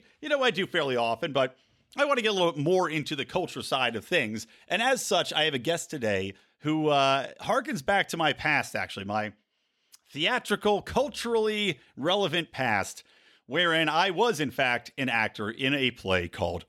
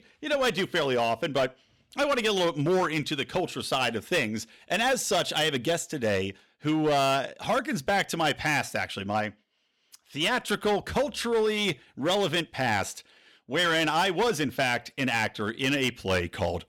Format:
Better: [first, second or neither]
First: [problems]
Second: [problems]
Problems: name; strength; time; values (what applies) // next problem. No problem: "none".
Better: first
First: none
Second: distortion; slight; 8% of the sound clipped